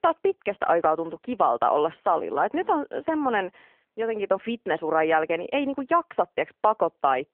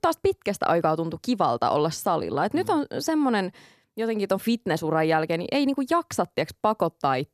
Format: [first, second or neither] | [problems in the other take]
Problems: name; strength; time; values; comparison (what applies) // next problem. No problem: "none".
second | phone-call audio